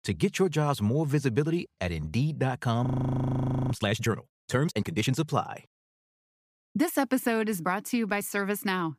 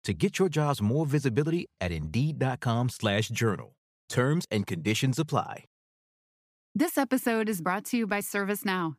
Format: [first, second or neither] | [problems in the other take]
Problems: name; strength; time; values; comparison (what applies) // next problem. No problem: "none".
second | audio freezing; at 3 s for 1 s